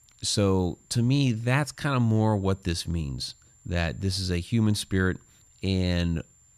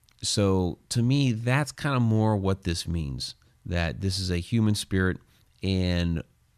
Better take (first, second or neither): second